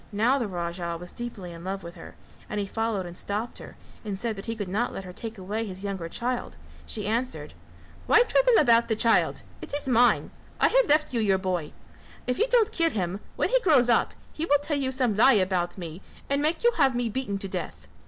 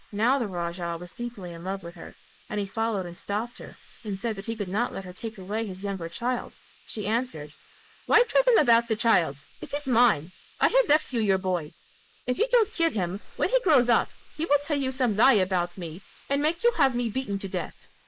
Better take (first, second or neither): first